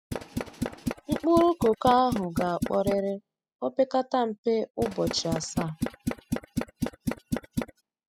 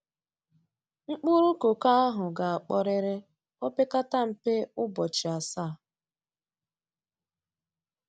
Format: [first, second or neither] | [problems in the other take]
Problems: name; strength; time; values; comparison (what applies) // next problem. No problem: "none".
second | noise reduction (classical method spectral subtraction)